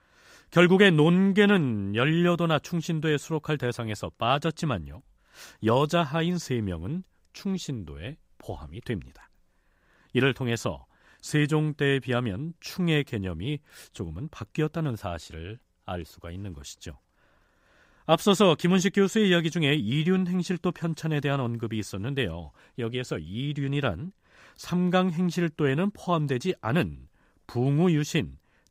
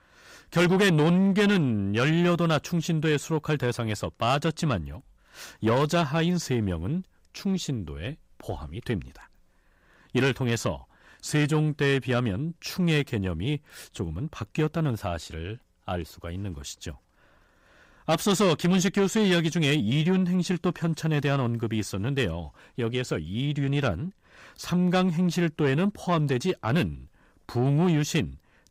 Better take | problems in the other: first | distortion; slight; 10 dB below the speech

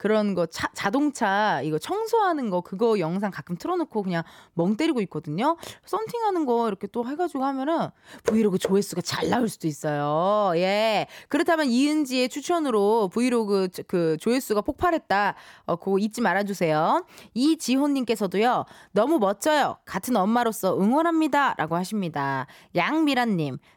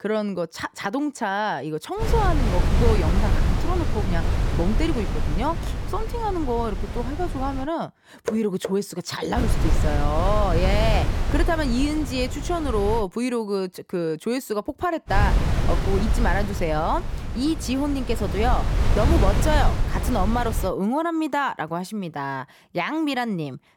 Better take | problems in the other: first | wind noise on the microphone; heavy; from 2 to 7.5 s, from 9.5 to 13 s and from 15 to 21 s; 7 dB below the speech

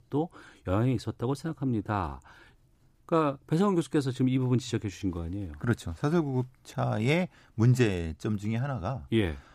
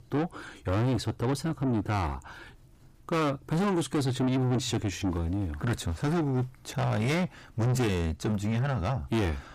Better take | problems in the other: first | distortion; heavy; 6 dB below the speech

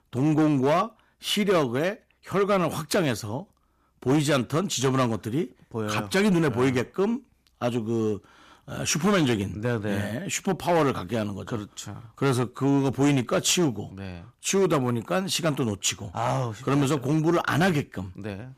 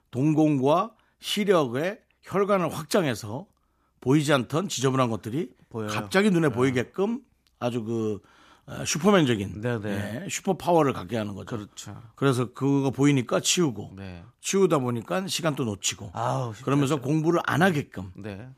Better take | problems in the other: second | distortion; slight; 7% of the sound clipped

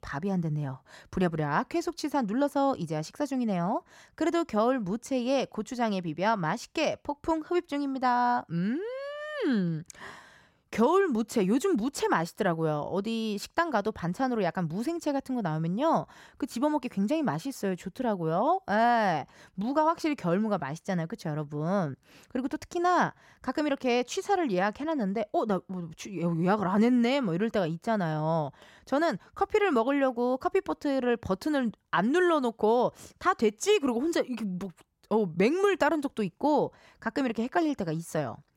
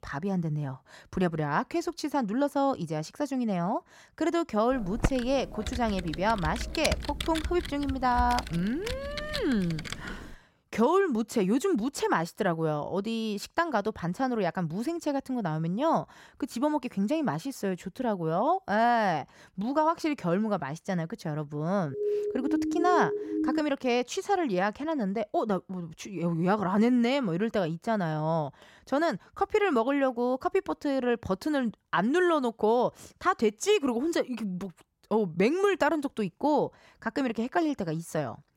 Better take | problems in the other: first | keyboard typing; noticeable; from 5 to 10 s; peak 2 dB below the speech // siren; loud; from 22 to 24 s; peak level with the speech

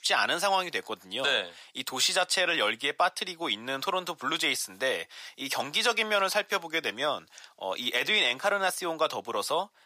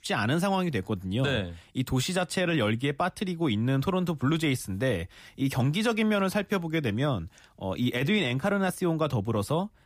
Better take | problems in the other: second | thin; very; fading below 700 Hz

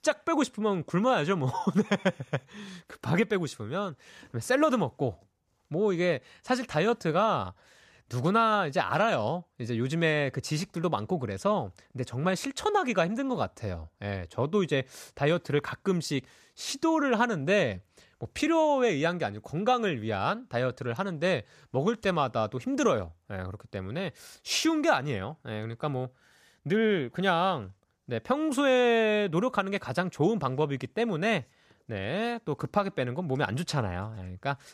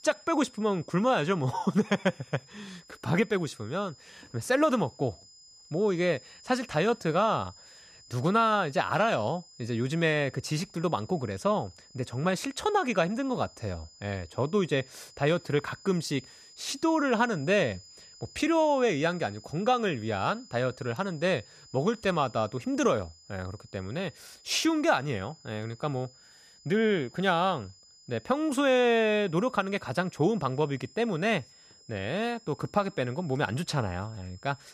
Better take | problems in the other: first | high-pitched whine; faint; throughout; 5 kHz, 25 dB below the speech

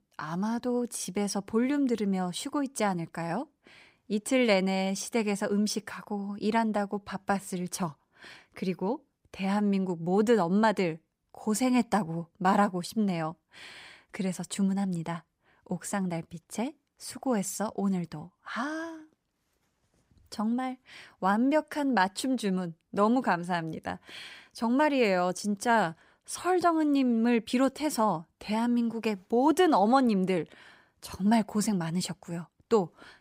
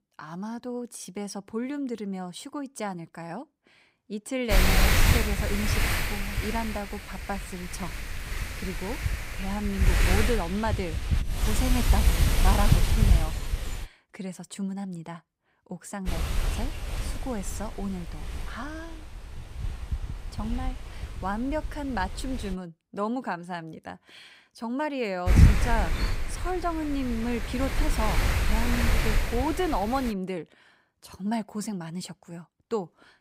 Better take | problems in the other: first | wind noise on the microphone; heavy; from 4.5 to 14 s, from 16 to 23 s and from 25 to 30 s; 2 dB above the speech

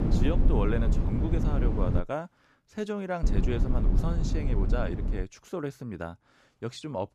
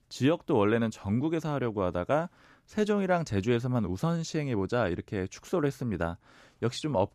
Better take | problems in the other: second | low rumble; loud; until 2 s and from 3 to 5 s; 4 dB below the speech

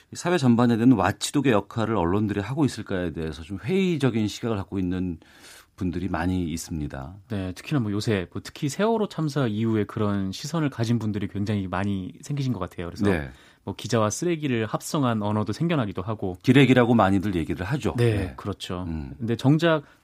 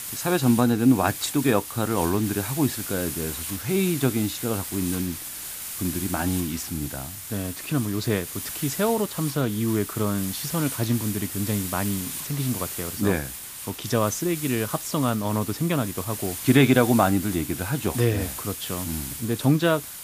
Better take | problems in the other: first | hiss; loud; throughout; 7 dB below the speech

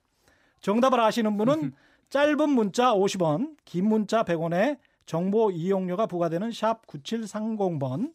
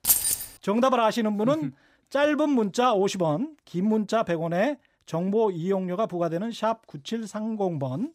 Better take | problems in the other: first | jangling keys; loud; at the start; peak 6 dB above the speech

